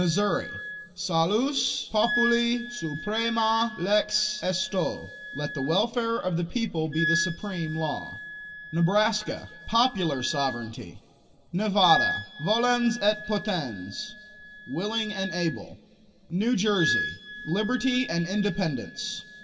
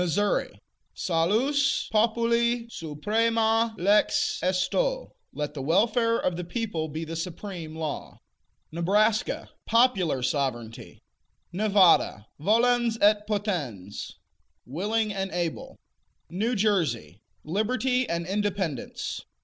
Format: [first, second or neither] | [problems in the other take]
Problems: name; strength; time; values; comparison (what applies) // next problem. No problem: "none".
second | background sound (Wind instrument, woodwind instrument); 9 dB below the speech // room echo; dies away in 2.7 s